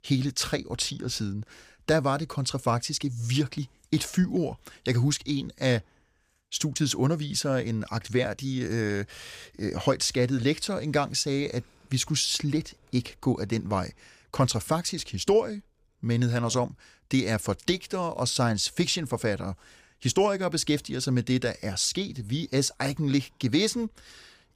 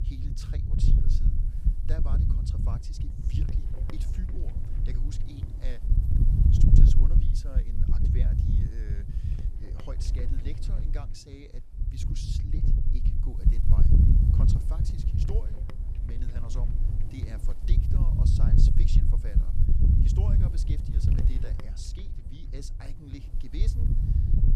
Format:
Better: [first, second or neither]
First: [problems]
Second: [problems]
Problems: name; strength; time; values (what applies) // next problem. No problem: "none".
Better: first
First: none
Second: wind noise on the microphone; heavy; 5 dB above the speech